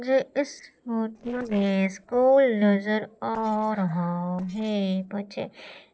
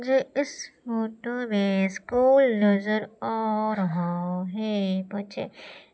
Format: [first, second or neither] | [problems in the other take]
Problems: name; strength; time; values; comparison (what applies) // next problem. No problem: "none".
second | noise reduction (neural separator model SepFormer DNS4)